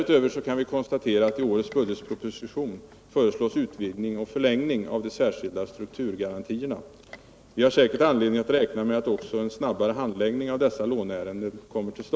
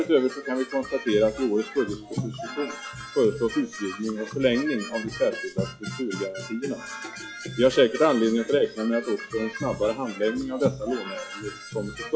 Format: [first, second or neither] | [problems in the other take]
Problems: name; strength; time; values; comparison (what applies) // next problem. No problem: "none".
first | noise reduction (classical method log-MMSE)